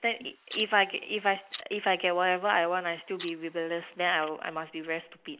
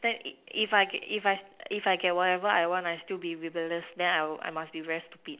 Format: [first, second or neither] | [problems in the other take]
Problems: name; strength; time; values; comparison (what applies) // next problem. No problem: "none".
second | noise reduction (neural mask model Resemble Enhance denoiser)